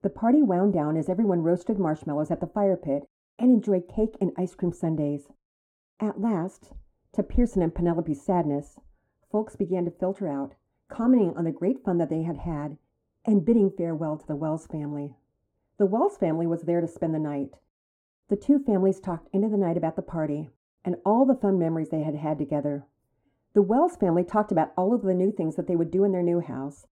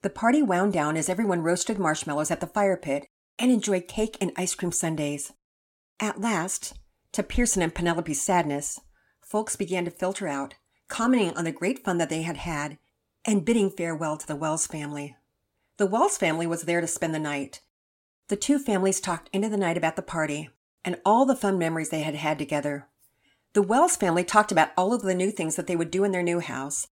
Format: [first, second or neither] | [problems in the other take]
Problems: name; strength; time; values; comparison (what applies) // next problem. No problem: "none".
second | muffled; very; fading above 1.5 kHz